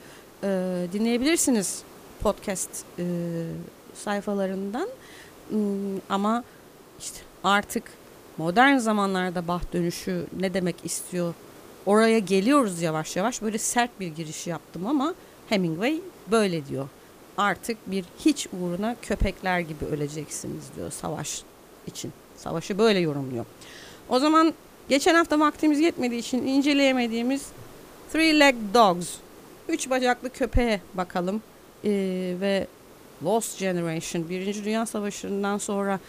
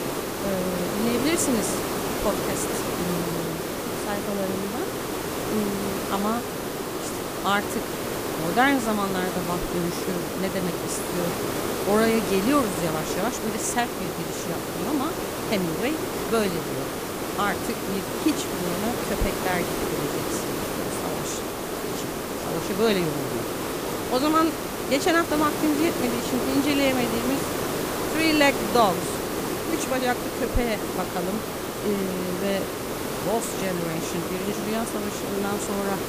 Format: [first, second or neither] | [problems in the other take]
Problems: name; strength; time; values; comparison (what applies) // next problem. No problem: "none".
first | hiss; loud; throughout; 1 dB below the speech; faint in the first